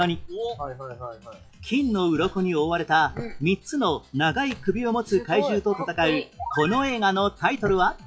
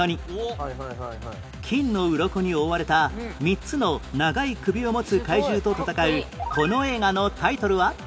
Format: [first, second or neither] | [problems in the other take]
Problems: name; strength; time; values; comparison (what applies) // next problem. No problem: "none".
second | noise reduction (classical method log-MMSE)